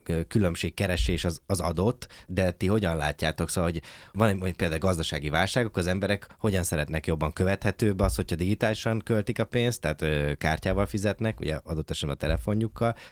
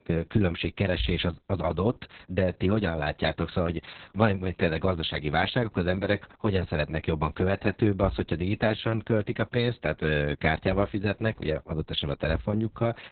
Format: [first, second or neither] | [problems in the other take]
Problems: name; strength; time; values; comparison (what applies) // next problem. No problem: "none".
first | garbled, watery; badly; nothing above 4 kHz; slightly in the first